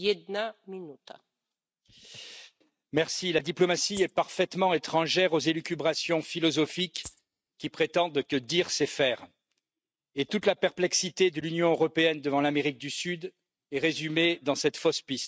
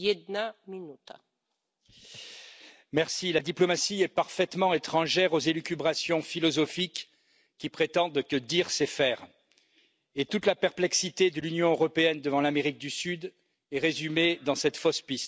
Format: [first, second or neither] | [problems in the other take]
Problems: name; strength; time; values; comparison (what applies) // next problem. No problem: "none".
second | noise reduction (neural mask model RNNoise)